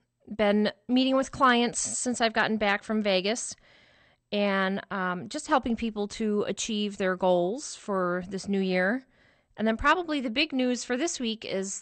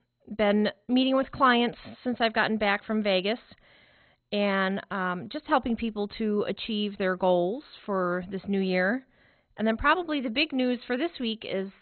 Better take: first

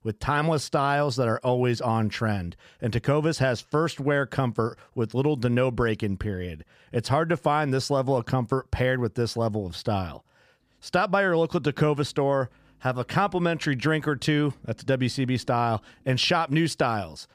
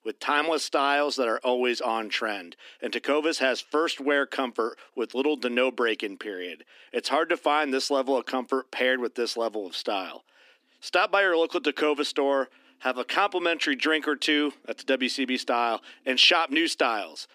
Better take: first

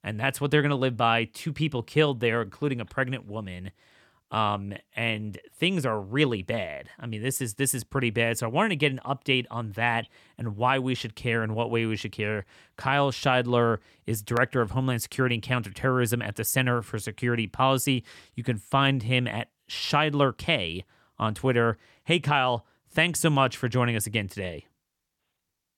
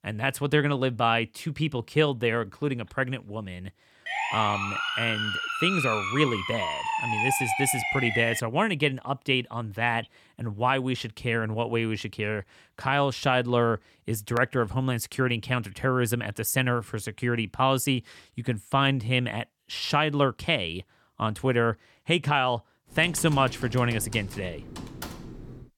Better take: first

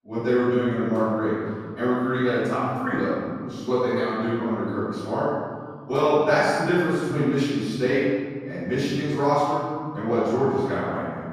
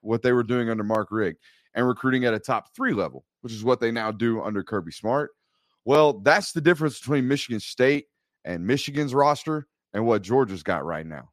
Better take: second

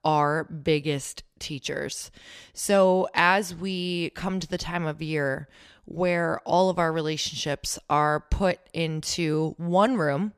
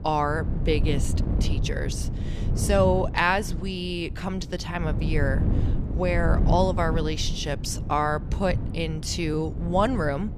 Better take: first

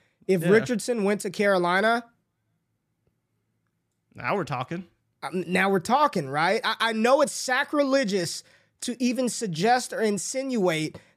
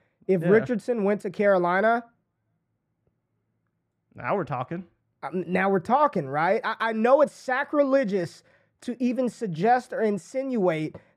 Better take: first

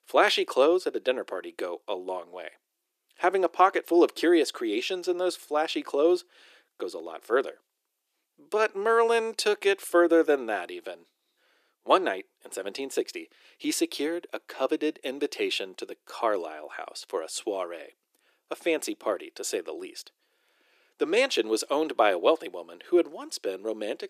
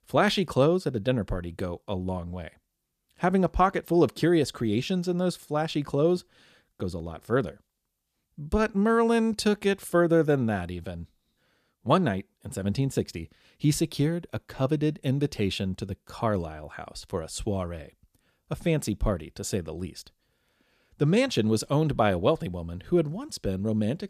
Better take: second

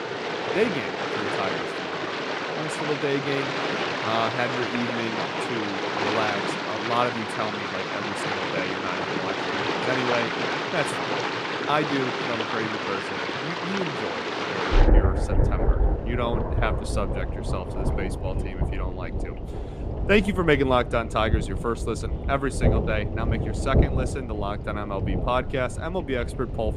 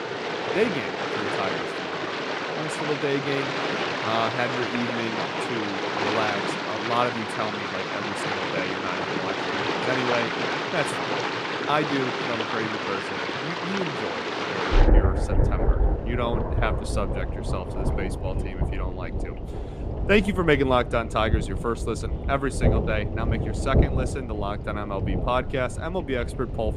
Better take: neither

